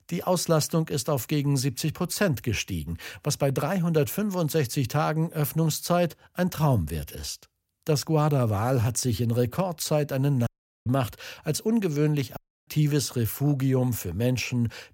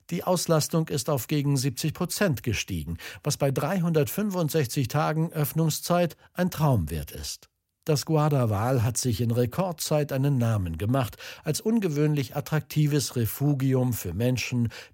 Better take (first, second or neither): second